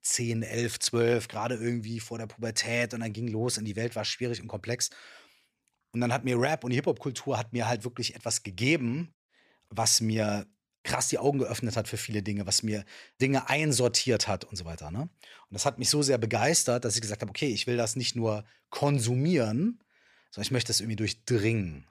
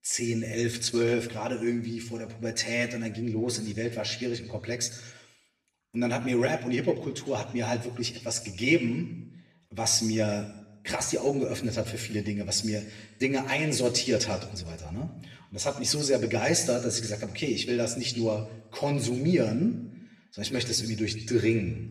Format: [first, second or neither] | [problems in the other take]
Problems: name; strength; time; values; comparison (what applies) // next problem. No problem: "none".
first | room echo; slight; dies away in 0.8 s // off-mic speech; somewhat distant